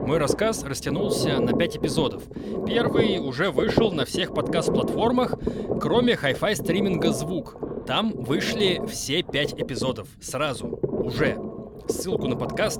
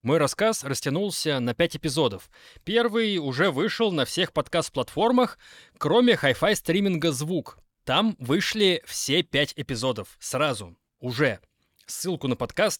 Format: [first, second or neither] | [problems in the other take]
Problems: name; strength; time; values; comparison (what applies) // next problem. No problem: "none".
second | low rumble; loud; throughout; 4 dB below the speech